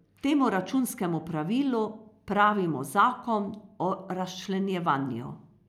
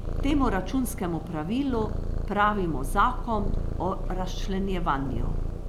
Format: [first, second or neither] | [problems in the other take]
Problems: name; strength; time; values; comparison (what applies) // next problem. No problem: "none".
first | background sound (Purr); 1 dB below the speech